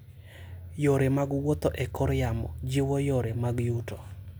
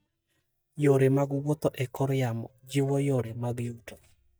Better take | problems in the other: first | noise reduction (neural mask model DeepFilterNet 3)

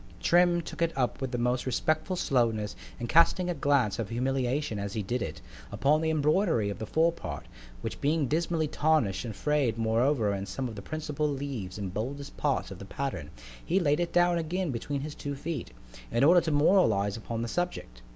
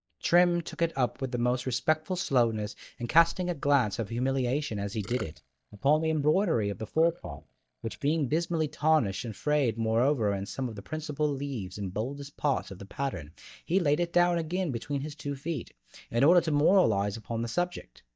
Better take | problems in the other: first | noise reduction (neural mask model DeepFilterNet 3)

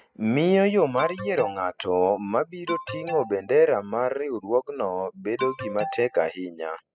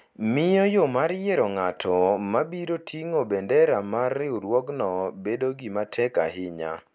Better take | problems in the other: second | noise reduction (classical method spectral subtraction)

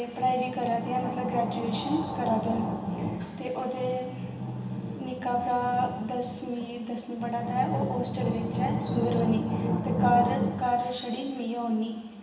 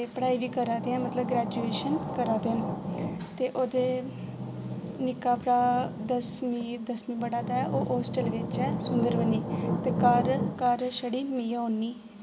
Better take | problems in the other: second | room echo; dies away in 1.4 s

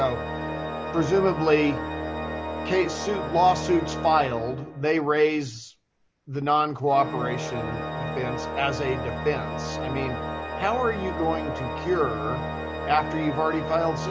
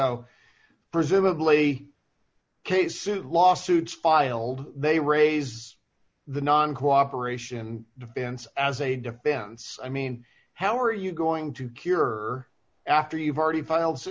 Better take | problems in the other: second | background sound (Organ); 5 dB below the speech

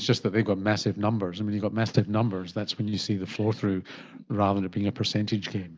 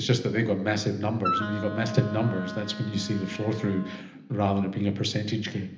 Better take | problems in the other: first | background sound (Wind instrument, woodwind instrument); 7 dB below the speech // room echo; dies away in 0.8 s

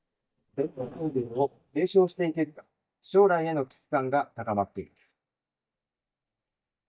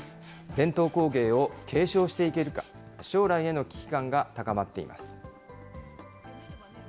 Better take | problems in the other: second | noise reduction (neural mask model DeepFilterNet 3)

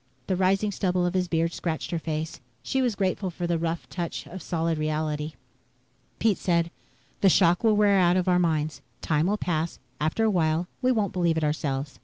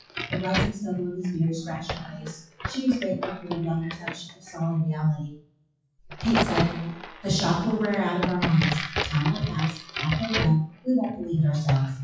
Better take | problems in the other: first | noise reduction (classical method WPE with log-MMSE)

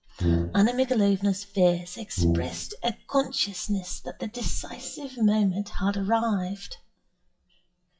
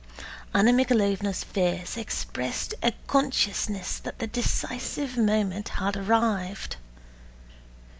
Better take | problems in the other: second | noise reduction (classical method WPE with log-MMSE)

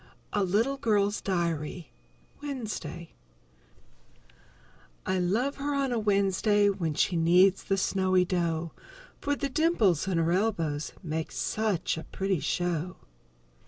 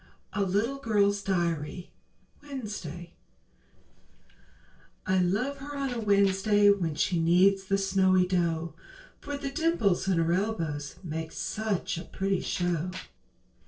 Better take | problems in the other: first | noise reduction (neural separator model SepFormer DNS4)

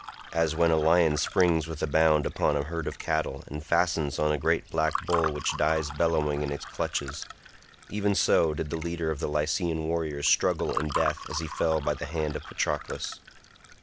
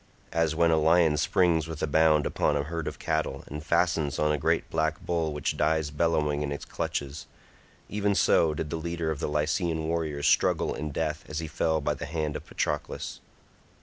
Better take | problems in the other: second | background sound (Fill (with liquid) / Water); 13 dB below the speech

